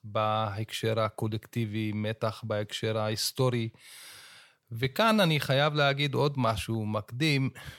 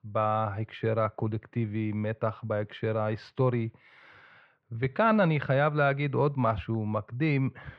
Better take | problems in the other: first | muffled; very; fading above 2 kHz

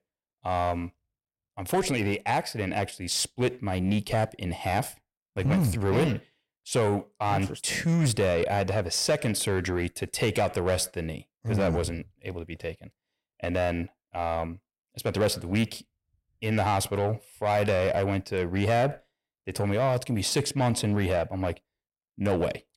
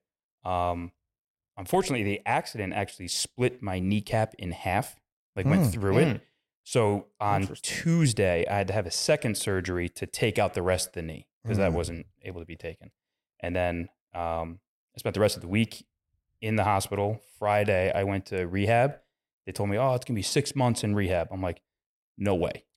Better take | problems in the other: second | distortion; slight; 10 dB below the speech

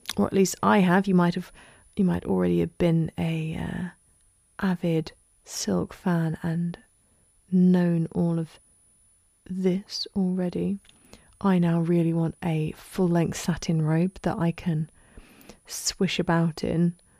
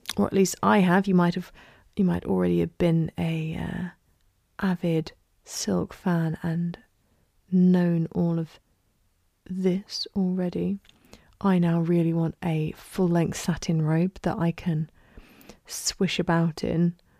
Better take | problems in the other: second | high-pitched whine; faint; throughout; 10 kHz, 35 dB below the speech

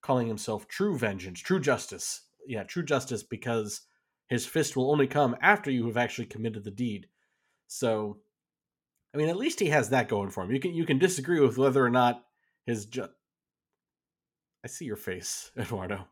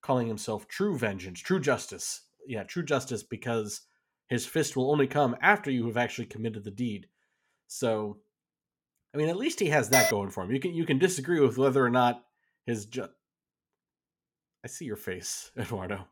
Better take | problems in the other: first | clattering dishes; loud; at 10 s; peak 5 dB above the speech

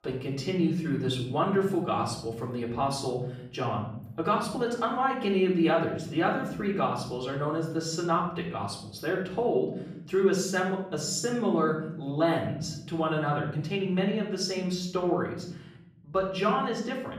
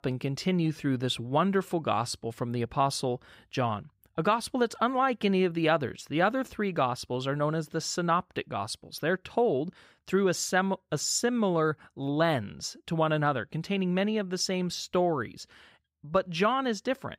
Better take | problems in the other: second | off-mic speech; far // room echo; noticeable; dies away in 1 s

